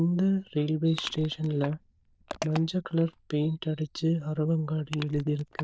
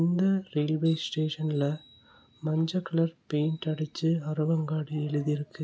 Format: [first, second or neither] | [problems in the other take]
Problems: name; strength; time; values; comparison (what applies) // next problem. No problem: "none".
second | noise reduction (neural diffusion model UNIVERSE++)